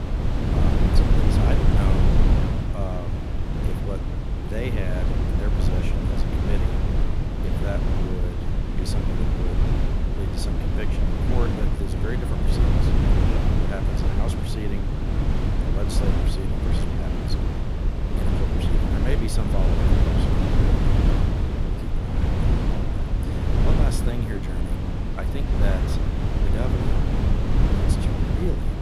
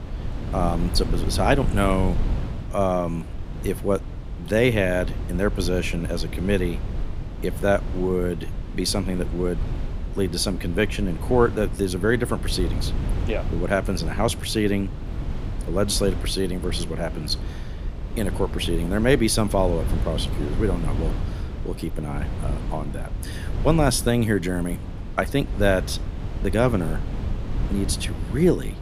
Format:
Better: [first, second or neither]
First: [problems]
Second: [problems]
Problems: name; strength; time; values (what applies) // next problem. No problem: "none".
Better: second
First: wind noise on the microphone; heavy; 4 dB above the speech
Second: wind noise on the microphone; occasional gusts; 15 dB below the speech